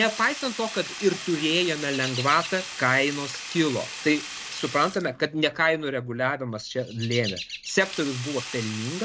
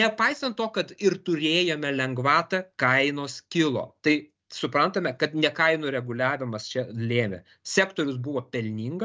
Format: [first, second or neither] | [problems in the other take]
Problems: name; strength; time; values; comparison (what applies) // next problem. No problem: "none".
second | background sound (Chirp, tweet + Sink (filling or washing)); 11 dB below the speech